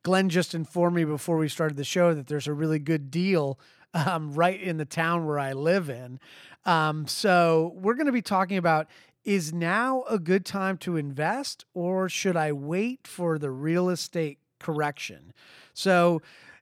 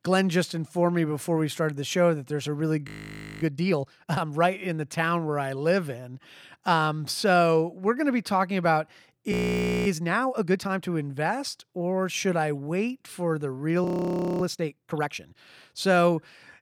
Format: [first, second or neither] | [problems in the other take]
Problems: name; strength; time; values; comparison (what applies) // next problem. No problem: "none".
first | audio freezing; at 3 s for 0.5 s, at 9.5 s for 0.5 s and at 14 s for 0.5 s